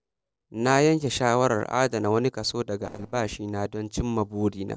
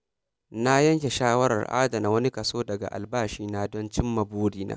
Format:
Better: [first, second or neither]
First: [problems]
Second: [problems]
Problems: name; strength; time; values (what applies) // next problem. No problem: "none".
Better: second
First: noise reduction (neural separator model SepFormer DNS4)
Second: none